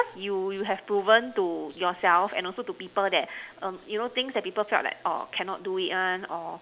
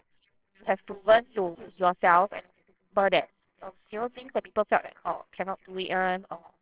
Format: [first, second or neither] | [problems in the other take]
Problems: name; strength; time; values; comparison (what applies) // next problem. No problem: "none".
first | noise reduction (neural separator model SepFormer WHAMR!)